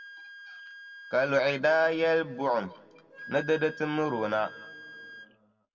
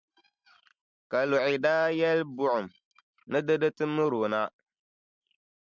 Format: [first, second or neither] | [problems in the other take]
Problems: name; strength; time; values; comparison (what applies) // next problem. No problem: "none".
second | background sound (Wind instrument, woodwind instrument); 18 dB below the speech // room echo; dies away in 1.5 s